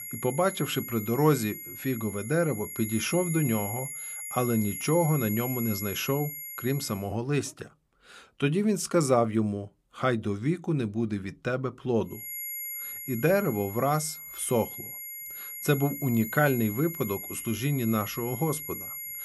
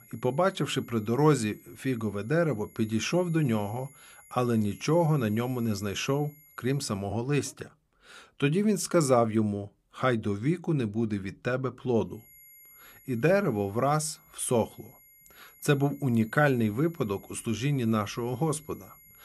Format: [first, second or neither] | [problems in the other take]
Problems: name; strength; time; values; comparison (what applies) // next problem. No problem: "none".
second | high-pitched whine; loud; until 7 s and from 12 s on; 11.5 kHz, 7 dB below the speech; faint in the second